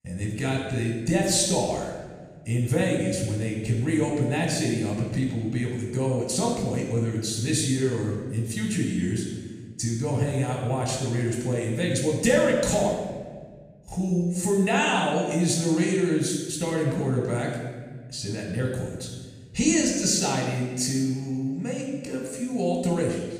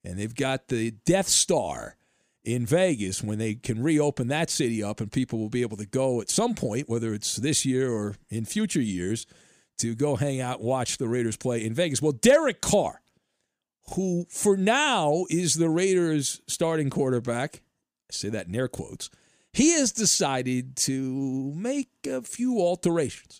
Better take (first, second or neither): second